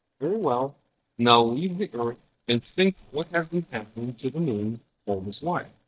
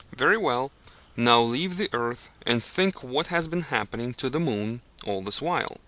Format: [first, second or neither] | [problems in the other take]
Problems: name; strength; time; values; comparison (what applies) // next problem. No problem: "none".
second | noise reduction (neural mask model DeepFilterNet 3)